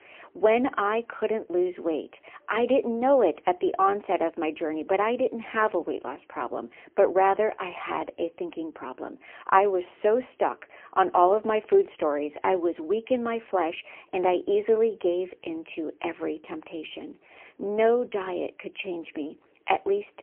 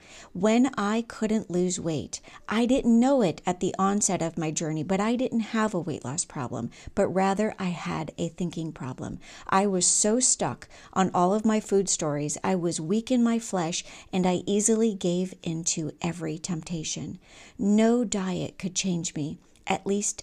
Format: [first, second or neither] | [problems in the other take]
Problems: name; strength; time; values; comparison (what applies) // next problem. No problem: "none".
second | phone-call audio; poor line; nothing above 3 kHz